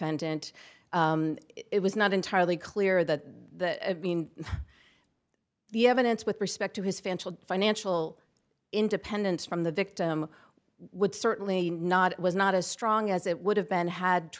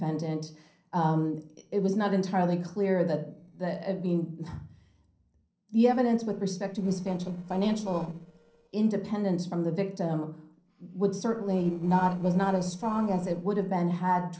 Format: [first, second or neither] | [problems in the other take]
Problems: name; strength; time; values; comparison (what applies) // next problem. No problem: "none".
first | noise reduction (neural separator model SepFormer DNS4)